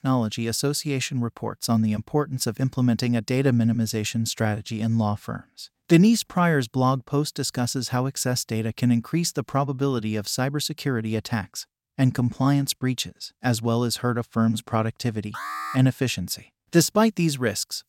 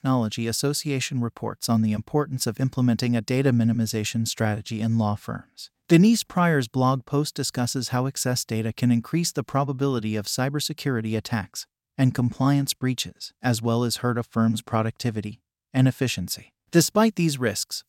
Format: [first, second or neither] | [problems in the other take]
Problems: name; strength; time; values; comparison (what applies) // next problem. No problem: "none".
second | alarm; noticeable; at 15 s; peak 7 dB below the speech